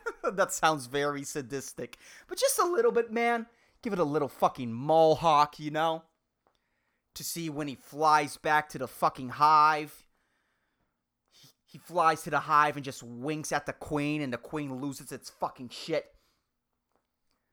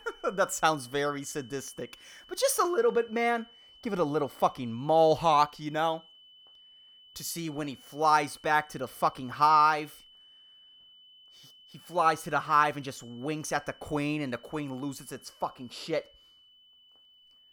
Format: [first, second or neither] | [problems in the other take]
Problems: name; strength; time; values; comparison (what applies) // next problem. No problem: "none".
first | high-pitched whine; faint; throughout; 3 kHz, 25 dB below the speech